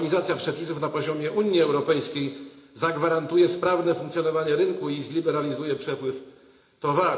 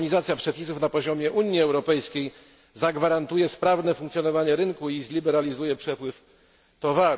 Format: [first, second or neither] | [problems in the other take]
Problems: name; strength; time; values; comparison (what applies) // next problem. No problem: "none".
second | room echo; dies away in 0.8 s